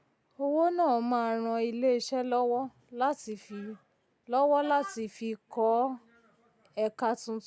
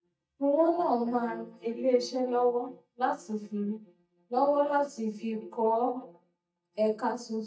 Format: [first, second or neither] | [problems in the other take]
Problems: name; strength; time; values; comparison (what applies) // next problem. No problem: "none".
first | noise reduction (neural mask model DeepFilterNet 3)